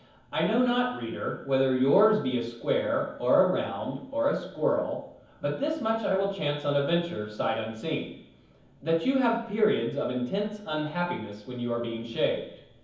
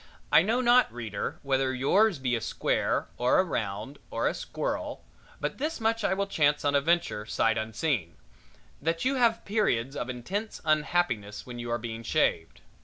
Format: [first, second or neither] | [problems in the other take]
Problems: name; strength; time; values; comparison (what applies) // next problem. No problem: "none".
second | room echo; dies away in 0.7 s